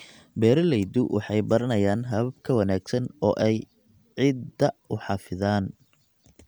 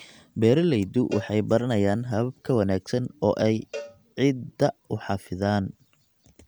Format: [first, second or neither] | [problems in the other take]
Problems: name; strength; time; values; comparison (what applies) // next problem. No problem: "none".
first | background sound (Cowbell); 19 dB below the speech